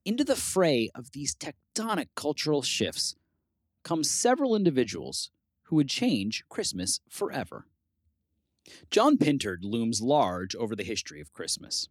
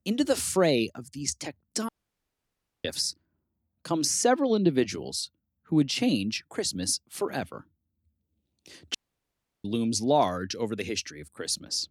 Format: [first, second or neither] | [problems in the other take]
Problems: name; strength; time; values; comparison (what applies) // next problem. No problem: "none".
first | audio cutting out; at 2 s for 1 s and at 9 s for 0.5 s